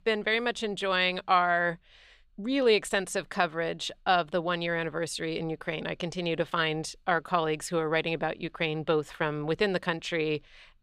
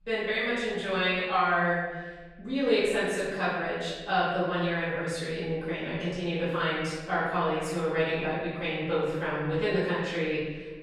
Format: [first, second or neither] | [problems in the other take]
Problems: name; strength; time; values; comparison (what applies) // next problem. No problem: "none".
first | room echo; strong; dies away in 1.4 s // off-mic speech; far